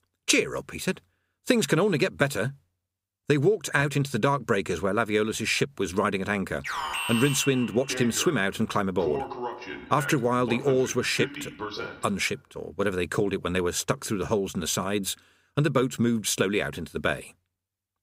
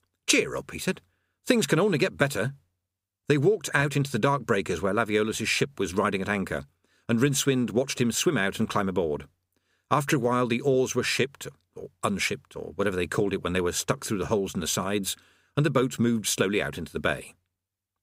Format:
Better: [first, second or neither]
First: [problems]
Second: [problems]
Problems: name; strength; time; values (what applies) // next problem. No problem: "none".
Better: second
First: alarm; noticeable; from 6.5 to 12 s; peak 2 dB below the speech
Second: none